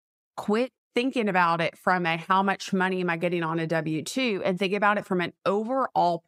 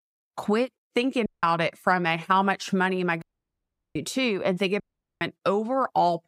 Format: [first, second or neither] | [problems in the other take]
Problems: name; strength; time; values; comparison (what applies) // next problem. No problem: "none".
first | audio cutting out; at 1.5 s, at 3 s for 0.5 s and at 5 s